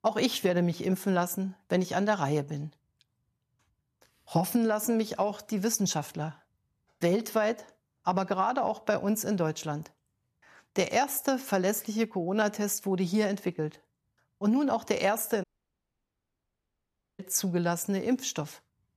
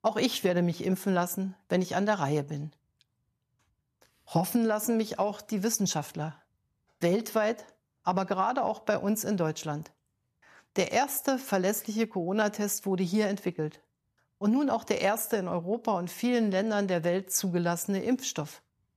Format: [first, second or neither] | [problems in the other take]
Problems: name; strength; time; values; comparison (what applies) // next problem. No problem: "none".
second | audio cutting out; at 15 s for 2 s